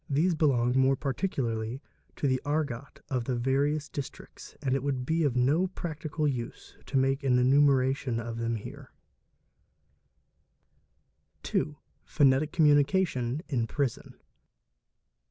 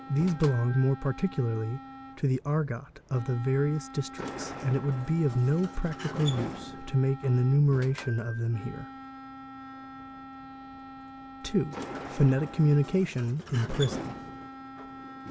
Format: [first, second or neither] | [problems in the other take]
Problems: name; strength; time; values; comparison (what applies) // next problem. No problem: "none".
first | background sound (Wind instrument, woodwind instrument + Sliding door); 13 dB below the speech